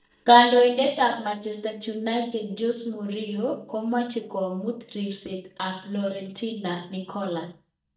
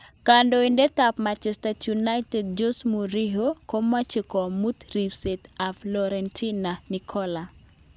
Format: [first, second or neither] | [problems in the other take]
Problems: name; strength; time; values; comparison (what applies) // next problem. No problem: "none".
second | noise reduction (neural mask model DeepFilterNet 3)